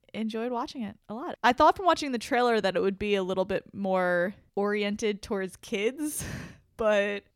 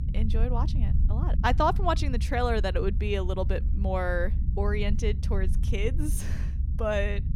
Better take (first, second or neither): first